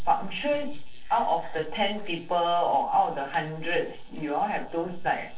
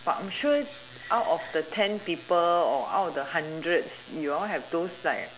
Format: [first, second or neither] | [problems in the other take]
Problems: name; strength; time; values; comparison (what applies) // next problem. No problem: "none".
second | noise reduction (neural separator model SepFormer DNS4)